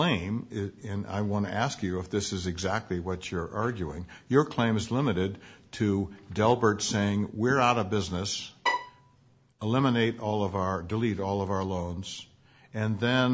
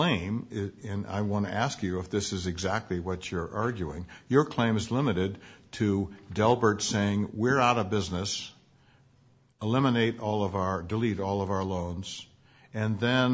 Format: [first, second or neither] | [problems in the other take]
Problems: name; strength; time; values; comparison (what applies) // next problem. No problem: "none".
second | background sound (Bowed string instrument); 4 dB below the speech